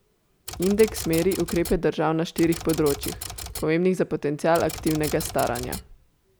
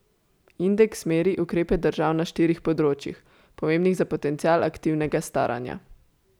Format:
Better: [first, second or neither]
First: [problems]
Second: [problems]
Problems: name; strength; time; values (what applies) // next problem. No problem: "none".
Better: second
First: background sound (Typewriter); 11 dB below the speech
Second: none